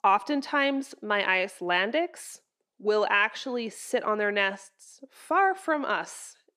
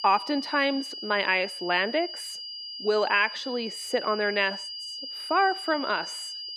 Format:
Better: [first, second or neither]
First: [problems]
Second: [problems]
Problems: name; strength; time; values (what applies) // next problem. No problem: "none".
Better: first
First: none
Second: high-pitched whine; loud; throughout; 5 kHz, 8 dB below the speech